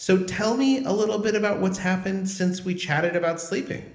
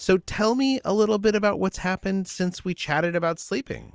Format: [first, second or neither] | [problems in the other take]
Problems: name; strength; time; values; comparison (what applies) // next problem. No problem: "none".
second | room echo; dies away in 0.8 s